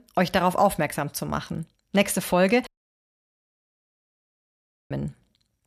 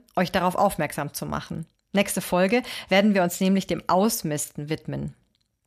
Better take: second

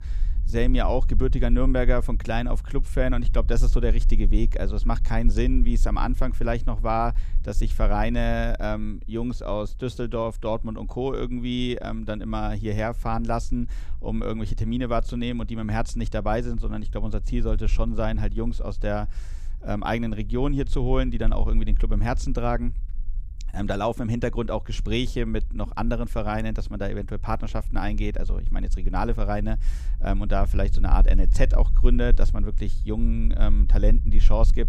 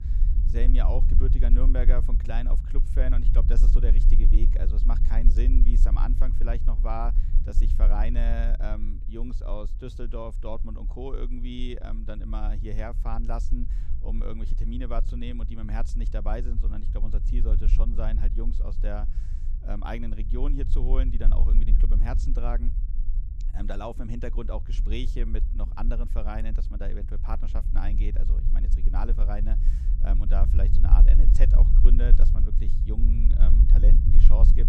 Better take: first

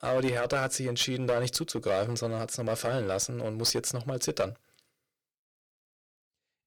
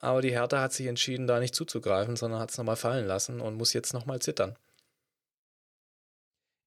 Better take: second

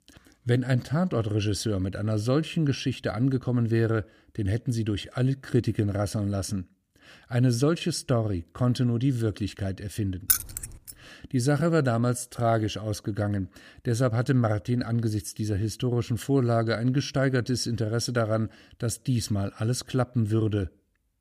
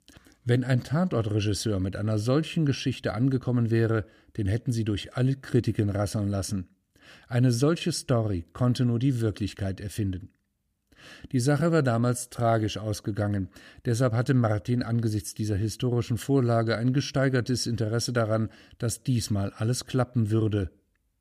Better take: second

